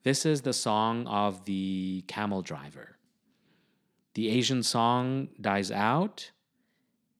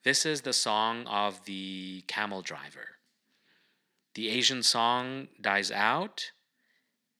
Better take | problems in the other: first | thin; somewhat; fading below 600 Hz

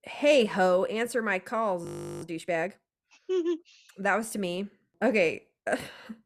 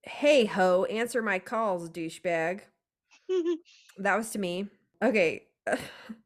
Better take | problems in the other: second | audio freezing; at 2 s

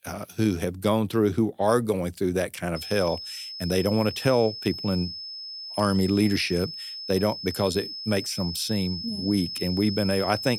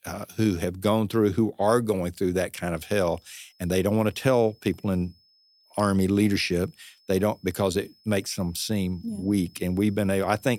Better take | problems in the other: second | high-pitched whine; loud; from 3 s on; 5 kHz, 8 dB below the speech; faint in the second

